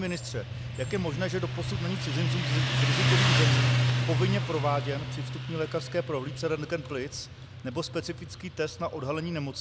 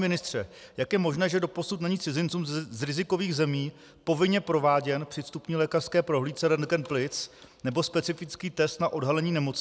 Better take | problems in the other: second | background sound (Motorcycle); 3 dB above the speech

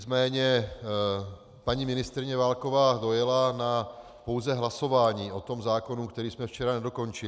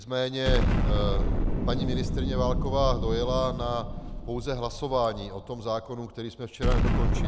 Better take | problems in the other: first | background sound (Explosion); 3 dB above the speech

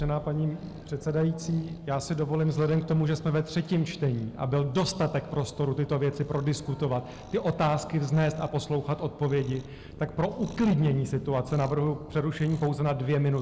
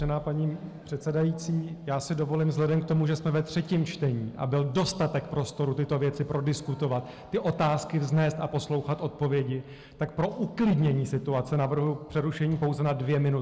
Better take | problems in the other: second | background sound (Cat); 19 dB below the speech

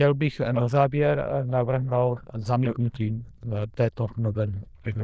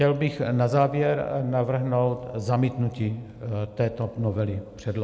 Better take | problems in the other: second | noise reduction (neural diffusion model UNIVERSE++)

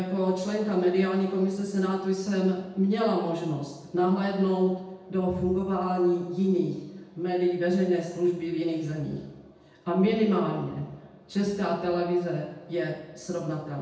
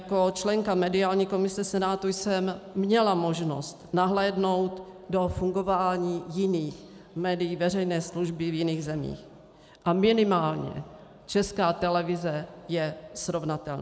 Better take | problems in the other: second | room echo; dies away in 0.8 s

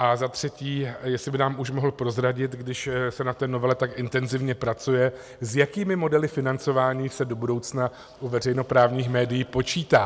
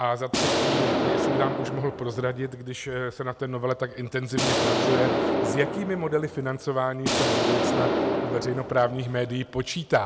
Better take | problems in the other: first | background sound (Explosion); 2 dB above the speech

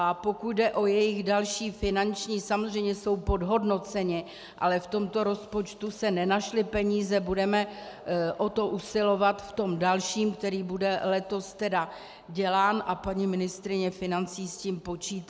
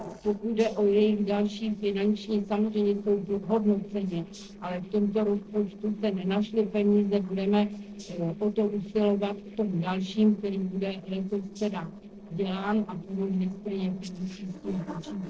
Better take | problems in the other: first | noise reduction (neural separator model SepFormer DNS4)

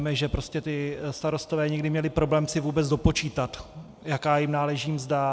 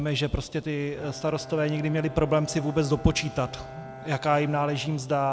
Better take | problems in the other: first | background sound (Bowed string instrument); 16 dB below the speech

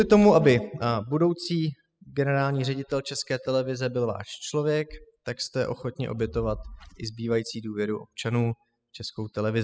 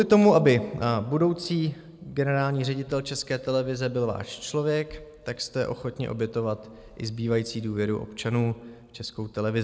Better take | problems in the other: second | noise reduction (classical method spectral subtraction)

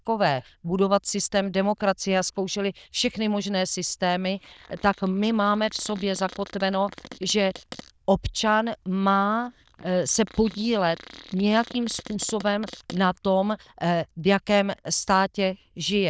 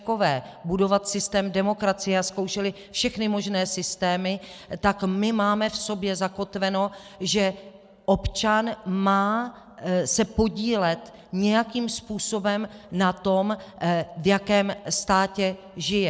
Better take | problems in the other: second | noise reduction (neural diffusion model UNIVERSE++)

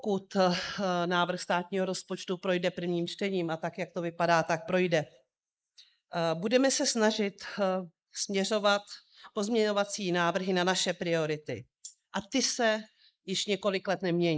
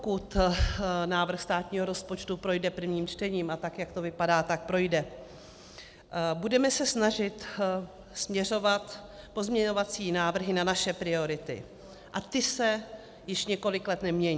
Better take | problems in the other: second | noise reduction (neural mask model Resemble Enhance denoiser)

